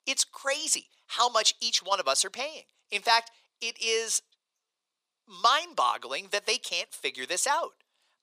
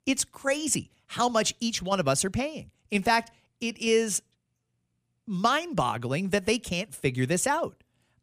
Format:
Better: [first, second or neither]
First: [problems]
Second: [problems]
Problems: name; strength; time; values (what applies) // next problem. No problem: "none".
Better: second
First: thin; very; fading below 500 Hz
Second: none